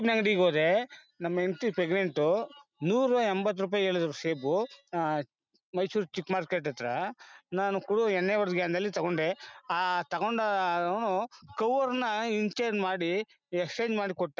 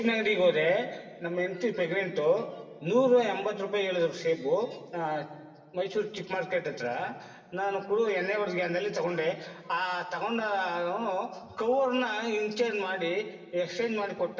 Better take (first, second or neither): first